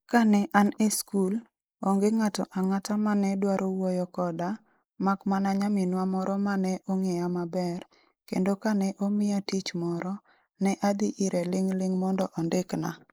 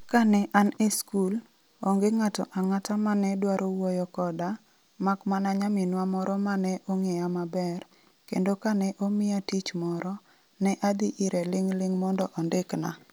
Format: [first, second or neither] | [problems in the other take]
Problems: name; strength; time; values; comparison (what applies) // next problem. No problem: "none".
second | noise reduction (neural mask model Resemble Enhance denoiser)